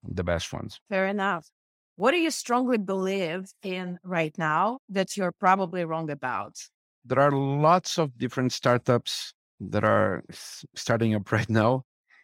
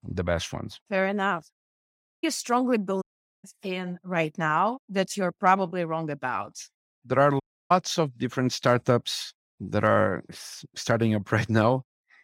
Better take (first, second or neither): first